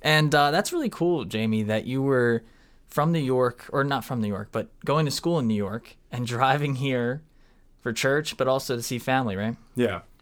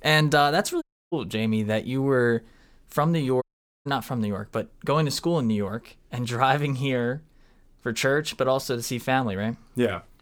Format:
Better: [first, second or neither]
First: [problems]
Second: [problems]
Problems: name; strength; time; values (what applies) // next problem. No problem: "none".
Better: first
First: none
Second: audio cutting out; at 1 s and at 3.5 s